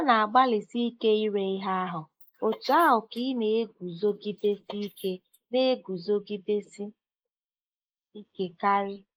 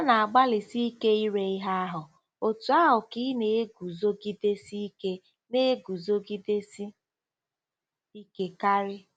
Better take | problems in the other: second | noise reduction (neural mask model Resemble Enhance denoiser)

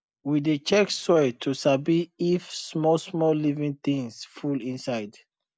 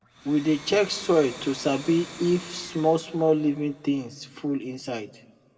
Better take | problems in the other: first | background sound (Domestic sounds, home sounds); 19 dB below the speech // room echo; dies away in 1 s

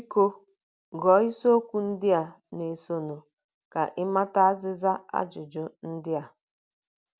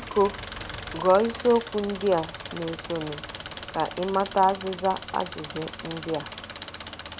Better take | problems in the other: first | background sound (Engine); 11 dB below the speech

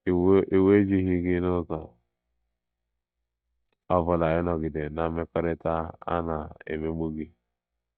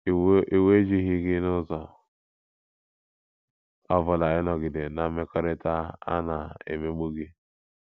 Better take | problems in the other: second | noise reduction (neural mask model DeepFilterNet 3)

